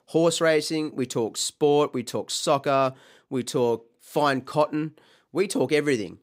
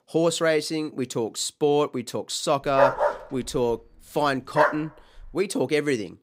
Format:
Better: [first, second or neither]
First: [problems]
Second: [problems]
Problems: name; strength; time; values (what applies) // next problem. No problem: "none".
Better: first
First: none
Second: dog barking; loud; from 3 to 4.5 s; peak 4 dB above the speech